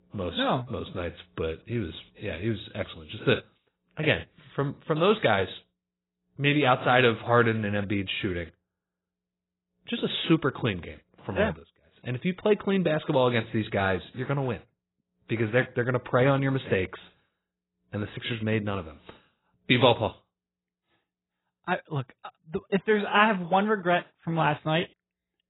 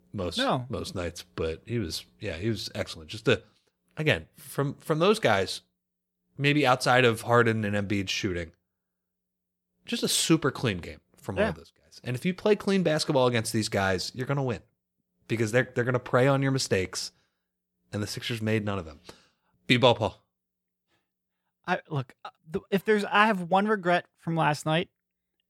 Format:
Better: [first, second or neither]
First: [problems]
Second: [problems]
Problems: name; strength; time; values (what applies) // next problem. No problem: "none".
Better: second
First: garbled, watery; badly; nothing above 4 kHz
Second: none